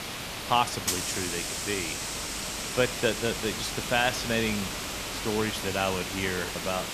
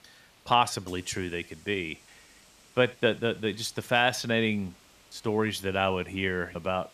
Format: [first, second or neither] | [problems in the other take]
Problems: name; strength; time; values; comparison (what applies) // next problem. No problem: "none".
second | hiss; loud; throughout; 2 dB below the speech; faint in the second